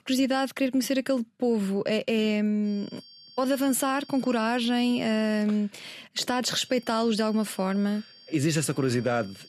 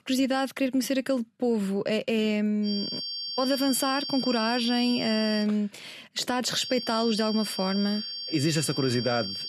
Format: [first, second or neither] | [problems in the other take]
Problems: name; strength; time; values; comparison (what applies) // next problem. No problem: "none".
first | high-pitched whine; loud; from 2.5 to 5.5 s and from 6.5 s on; 4.5 kHz, 5 dB below the speech; faint in the first